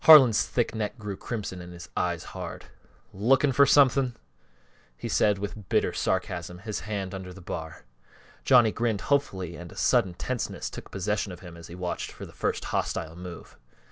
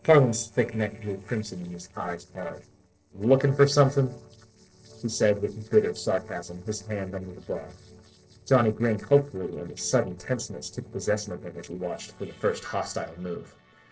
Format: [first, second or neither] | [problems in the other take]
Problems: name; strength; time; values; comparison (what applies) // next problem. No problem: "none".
first | noise reduction (neural separator model SepFormer DNS4)